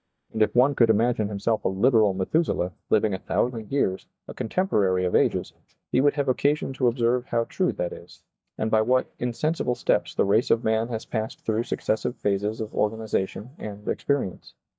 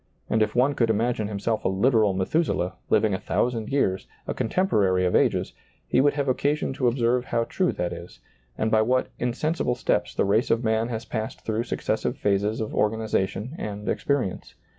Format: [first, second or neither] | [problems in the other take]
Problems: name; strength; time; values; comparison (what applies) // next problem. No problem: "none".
second | noise reduction (neural mask model DeepFilterNet 3)